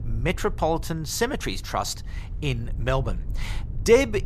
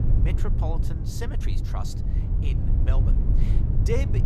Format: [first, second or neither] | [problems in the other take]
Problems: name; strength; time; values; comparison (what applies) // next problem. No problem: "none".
first | low rumble; loud; throughout; 2 dB below the speech; faint in the first